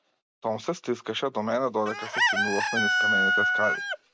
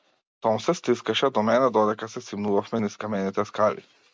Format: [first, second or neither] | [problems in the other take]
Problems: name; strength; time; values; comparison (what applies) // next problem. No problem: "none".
second | background sound (Chicken, rooster); 3 dB above the speech